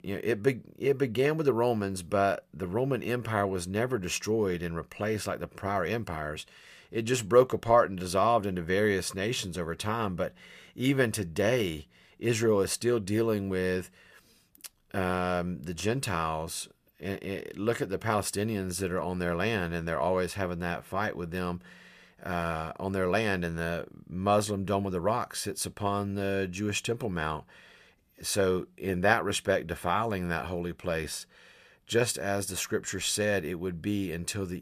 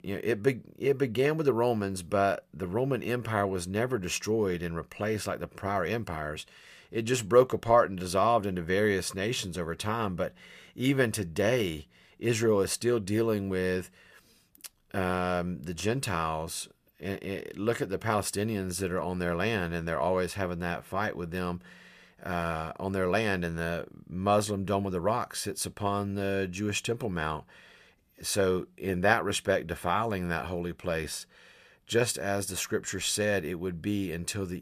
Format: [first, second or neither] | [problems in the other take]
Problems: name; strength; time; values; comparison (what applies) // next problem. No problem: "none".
neither | none